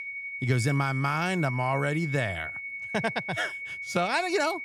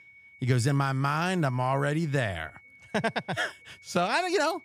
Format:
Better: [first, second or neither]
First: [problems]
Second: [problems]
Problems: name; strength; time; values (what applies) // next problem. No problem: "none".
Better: second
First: high-pitched whine; loud; throughout; 2 kHz, 6 dB below the speech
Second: high-pitched whine; faint; throughout; 2 kHz, 25 dB below the speech